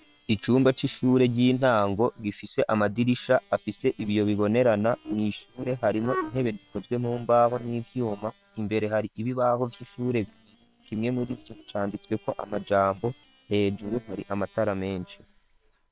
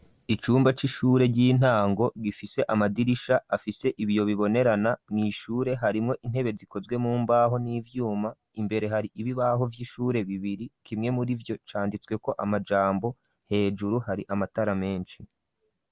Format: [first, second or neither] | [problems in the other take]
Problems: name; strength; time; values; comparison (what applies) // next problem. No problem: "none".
second | noise reduction (neural separator model SepFormer WHAM!)